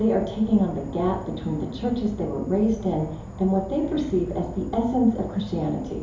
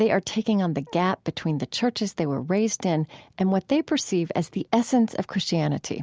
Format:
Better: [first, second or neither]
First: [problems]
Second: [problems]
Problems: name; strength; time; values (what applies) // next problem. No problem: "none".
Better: second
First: background sound (Insect / Frog); 12 dB below the speech // room echo; dies away in 2.8 s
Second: none